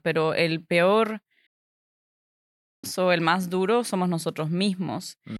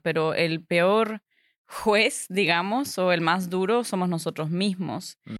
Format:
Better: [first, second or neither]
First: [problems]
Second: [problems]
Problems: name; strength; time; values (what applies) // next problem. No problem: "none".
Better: second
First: audio cutting out; at 1.5 s for 1.5 s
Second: none